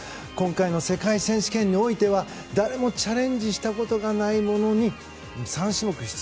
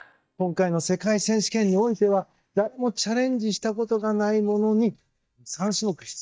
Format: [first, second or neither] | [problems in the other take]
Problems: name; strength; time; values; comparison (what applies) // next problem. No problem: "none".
first | noise reduction (neural mask model DeepFilterNet 3)